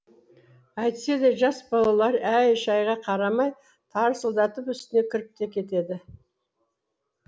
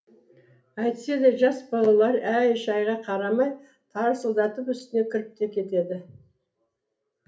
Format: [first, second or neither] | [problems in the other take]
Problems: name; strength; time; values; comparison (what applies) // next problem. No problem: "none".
first | room echo; dies away in 0.3 s